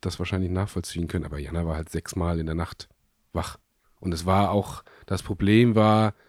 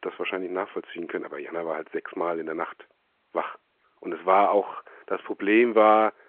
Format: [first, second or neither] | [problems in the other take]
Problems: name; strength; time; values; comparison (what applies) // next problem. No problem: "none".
first | phone-call audio